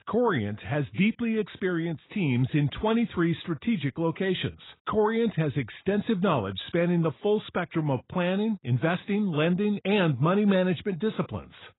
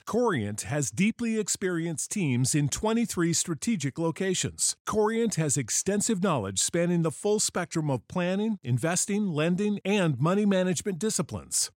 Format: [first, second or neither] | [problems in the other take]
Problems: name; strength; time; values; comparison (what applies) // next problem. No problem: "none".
second | garbled, watery; badly; nothing above 4 kHz